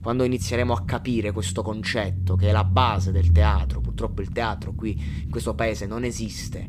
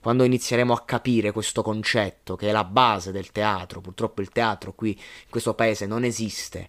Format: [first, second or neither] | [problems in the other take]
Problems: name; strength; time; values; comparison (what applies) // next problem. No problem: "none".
second | low rumble; noticeable; throughout; 15 dB below the speech